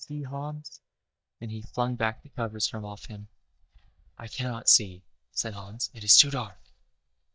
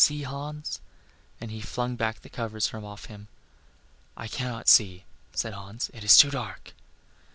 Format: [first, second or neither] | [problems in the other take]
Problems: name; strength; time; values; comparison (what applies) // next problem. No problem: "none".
second | noise reduction (neural mask model DeepFilterNet 3)